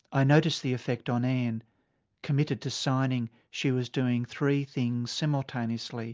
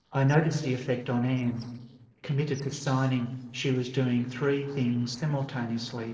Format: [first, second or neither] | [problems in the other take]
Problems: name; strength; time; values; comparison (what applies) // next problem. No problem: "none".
first | noise reduction (neural separator model SepFormer DNS4)